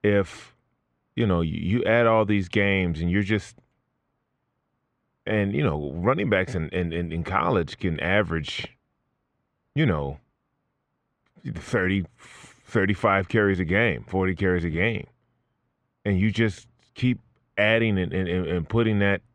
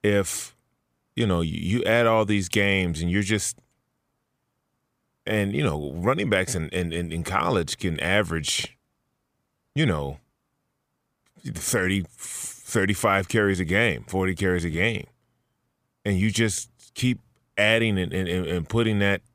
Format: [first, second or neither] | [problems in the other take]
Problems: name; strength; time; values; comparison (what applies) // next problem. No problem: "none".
second | muffled; very; fading above 2.5 kHz